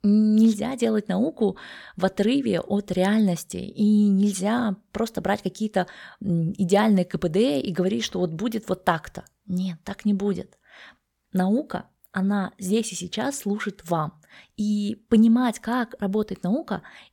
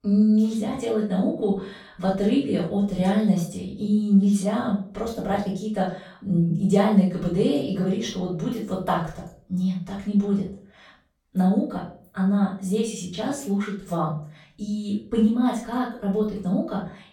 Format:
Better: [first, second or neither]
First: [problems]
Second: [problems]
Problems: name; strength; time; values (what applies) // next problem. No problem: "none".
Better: first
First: none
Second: off-mic speech; far // room echo; noticeable; dies away in 0.4 s